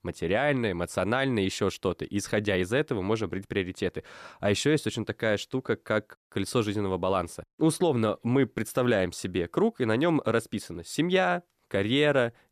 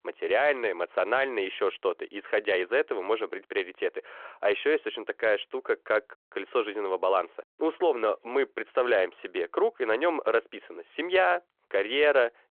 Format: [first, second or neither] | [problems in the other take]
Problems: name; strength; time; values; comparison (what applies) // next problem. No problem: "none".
first | phone-call audio